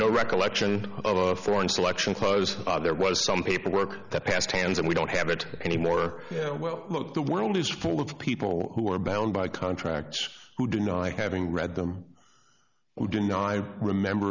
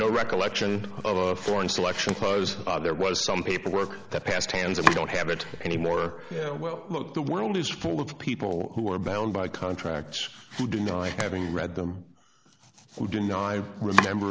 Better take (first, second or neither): first